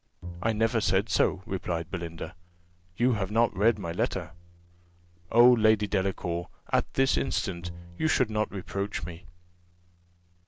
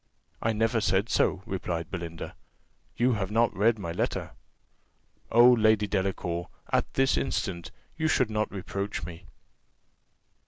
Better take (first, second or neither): second